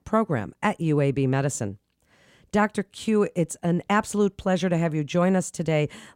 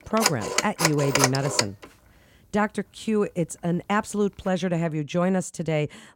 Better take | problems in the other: first | phone ringing; loud; until 1.5 s; peak 4 dB above the speech

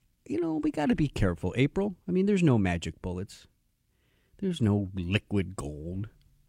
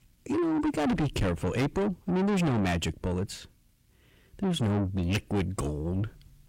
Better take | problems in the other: first | distortion; heavy; 6 dB below the speech

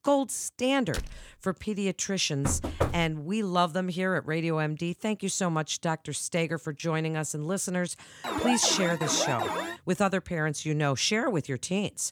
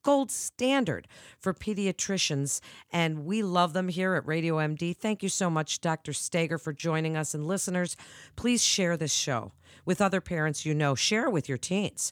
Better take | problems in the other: second | door banging; faint; at 1 s; peak 10 dB below the speech // door banging; noticeable; at 2.5 s; peak 2 dB below the speech // alarm; noticeable; from 8 to 10 s; peak 1 dB below the speech

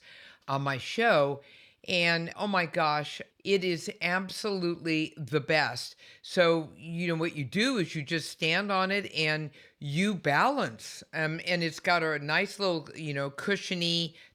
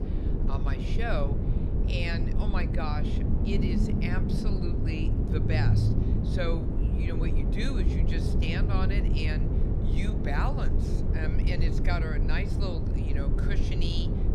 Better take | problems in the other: first | low rumble; loud; throughout; 2 dB below the speech

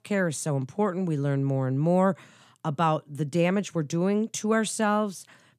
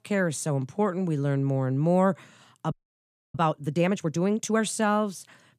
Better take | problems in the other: first | audio freezing; at 2.5 s for 0.5 s

